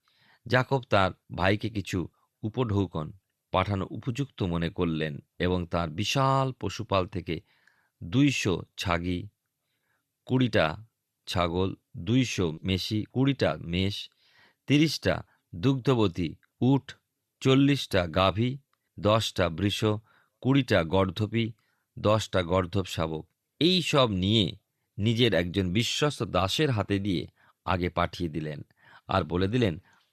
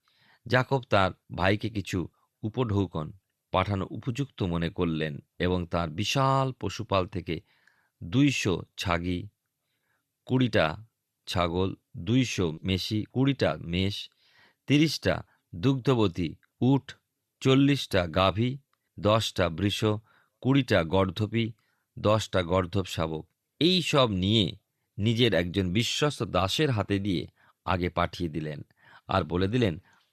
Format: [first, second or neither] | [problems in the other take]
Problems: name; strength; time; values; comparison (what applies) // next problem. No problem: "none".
neither | none